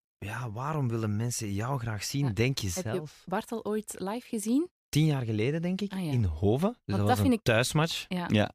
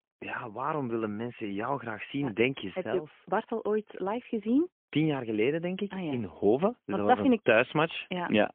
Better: first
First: none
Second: phone-call audio; poor line; nothing above 3 kHz

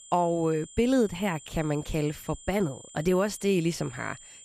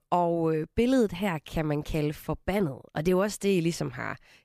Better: second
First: high-pitched whine; noticeable; throughout; 7 kHz, 20 dB below the speech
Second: none

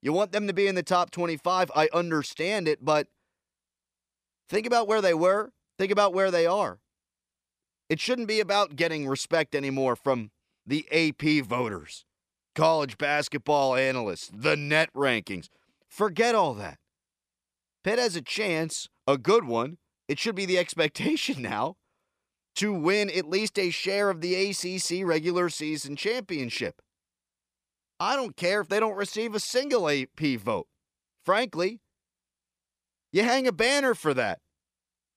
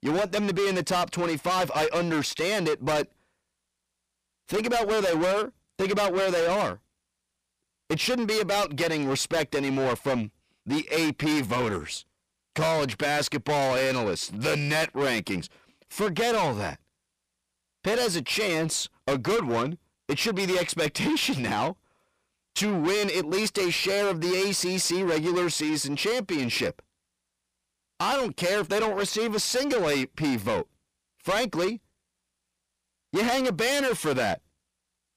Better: first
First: none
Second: distortion; heavy; 6 dB below the speech

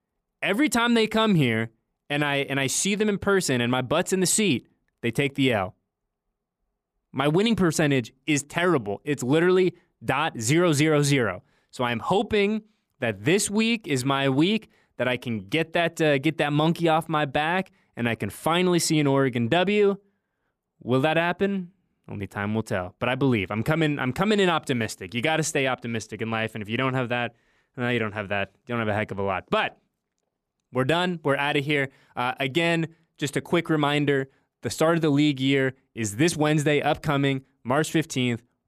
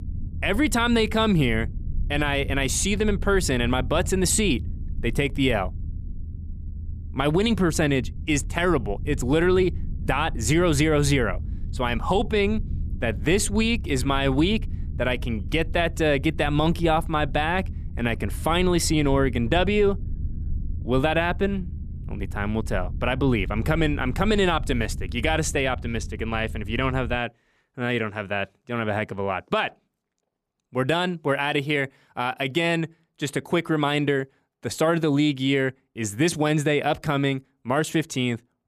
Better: first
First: none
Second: low rumble; faint; until 27 s; 25 dB below the speech

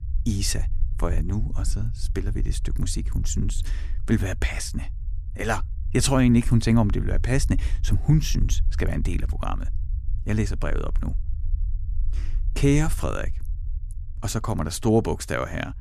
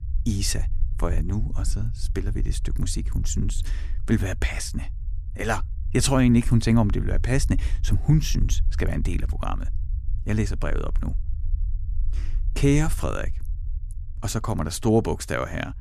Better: neither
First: low rumble; faint; throughout; 20 dB below the speech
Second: low rumble; faint; throughout; 20 dB below the speech

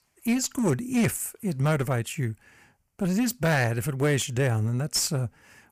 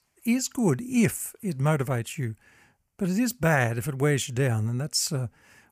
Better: second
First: distortion; slight; 10% of the sound clipped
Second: none

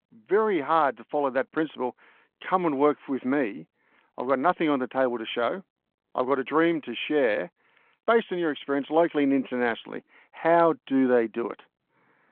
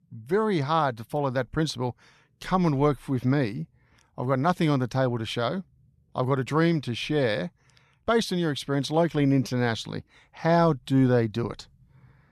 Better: second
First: phone-call audio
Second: none

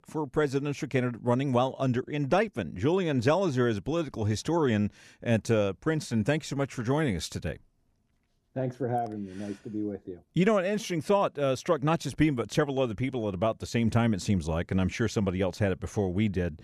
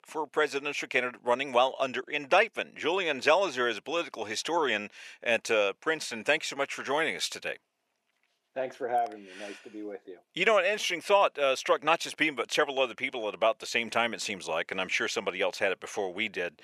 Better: first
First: none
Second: thin; very; fading below 600 Hz

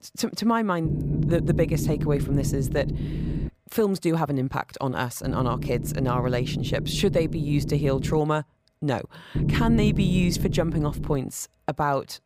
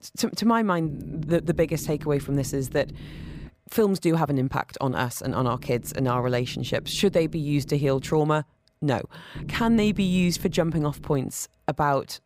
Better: second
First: low rumble; loud; from 1 to 3.5 s, from 5 to 8 s and from 9.5 to 11 s; 9 dB below the speech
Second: low rumble; faint; from 1 to 3.5 s, from 5 to 8 s and from 9.5 to 11 s; 20 dB below the speech

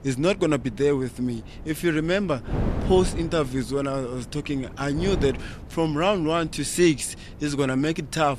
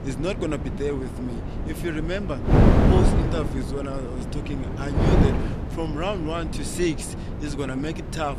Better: first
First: wind noise on the microphone; occasional gusts; 15 dB below the speech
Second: wind noise on the microphone; heavy; as loud as the speech

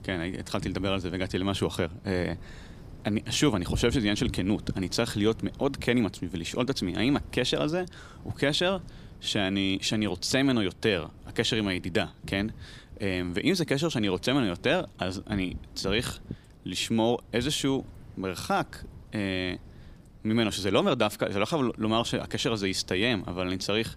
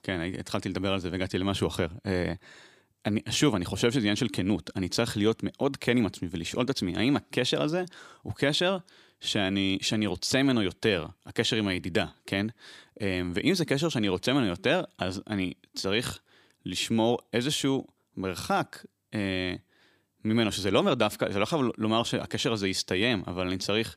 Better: second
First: wind noise on the microphone; occasional gusts; 25 dB below the speech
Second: none

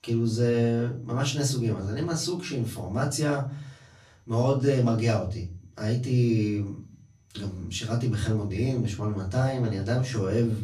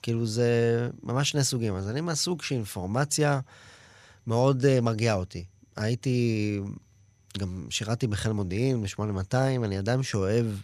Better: second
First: off-mic speech; far // room echo; very slight; dies away in 0.4 s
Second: none

